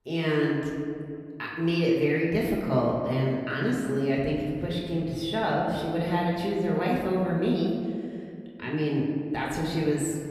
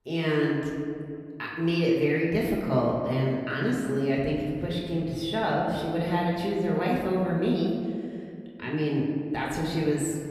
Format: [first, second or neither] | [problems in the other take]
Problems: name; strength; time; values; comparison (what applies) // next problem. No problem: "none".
neither | off-mic speech; far; the same in both // room echo; noticeable; dies away in 2 s; the same in both